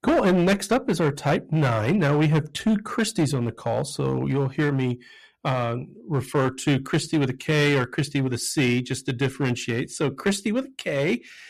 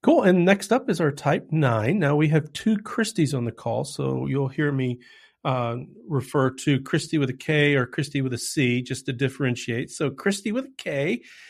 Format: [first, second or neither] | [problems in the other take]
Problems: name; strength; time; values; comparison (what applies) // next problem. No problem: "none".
second | distortion; slight; 8% of the sound clipped